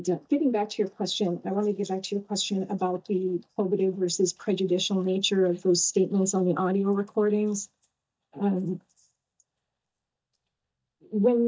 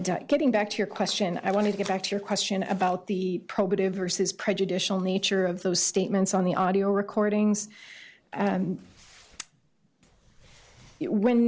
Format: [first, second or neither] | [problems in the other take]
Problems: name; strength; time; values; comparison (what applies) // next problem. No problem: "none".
second | noise reduction (neural mask model DeepFilterNet 3)